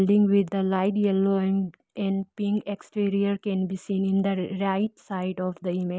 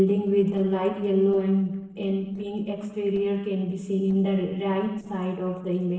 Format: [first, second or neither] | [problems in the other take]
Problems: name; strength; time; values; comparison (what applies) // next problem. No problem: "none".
first | noise reduction (neural separator model SepFormer DNS4)